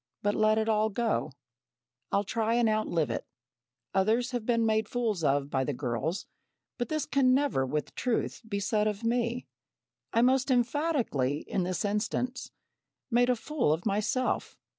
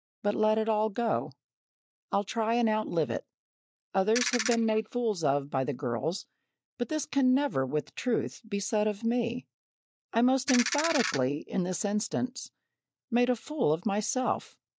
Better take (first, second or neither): first